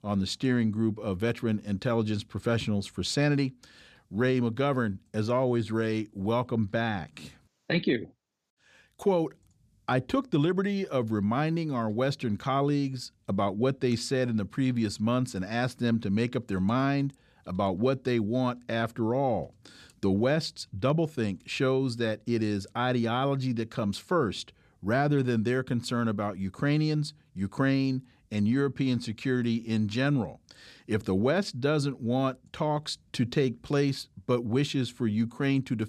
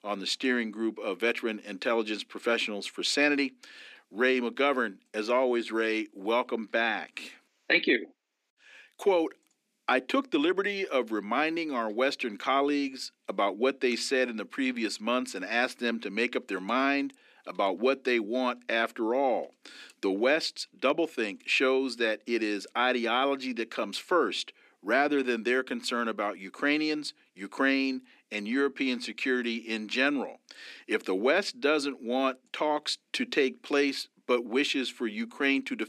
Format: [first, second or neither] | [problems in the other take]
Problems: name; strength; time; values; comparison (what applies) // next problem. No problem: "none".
first | thin; somewhat; fading below 250 Hz